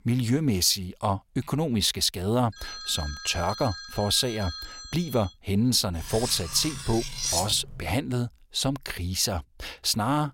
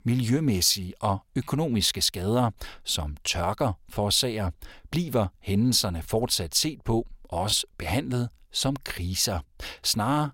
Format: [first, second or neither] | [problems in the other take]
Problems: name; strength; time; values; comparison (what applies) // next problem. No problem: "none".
second | phone ringing; noticeable; from 2.5 to 5.5 s; peak 10 dB below the speech // clattering dishes; noticeable; from 6 to 8 s; peak level with the speech